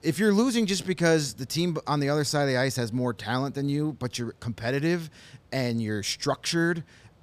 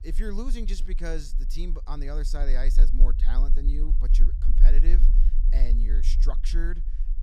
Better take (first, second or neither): first